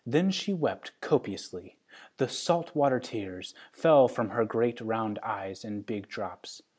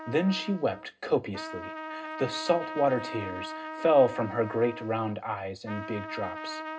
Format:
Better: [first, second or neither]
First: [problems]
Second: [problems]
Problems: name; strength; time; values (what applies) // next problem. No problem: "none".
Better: first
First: none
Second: background sound (Trumpet); 10 dB below the speech // room echo; dies away in 0.2 s